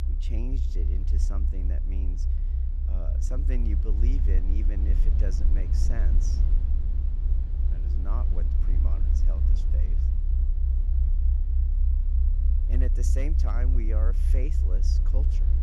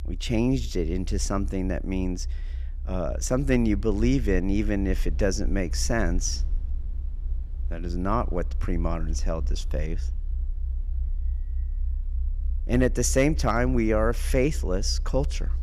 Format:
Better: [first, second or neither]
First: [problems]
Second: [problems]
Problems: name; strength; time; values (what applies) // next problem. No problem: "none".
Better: second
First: low rumble; loud; throughout; 2 dB below the speech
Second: low rumble; faint; throughout; 25 dB below the speech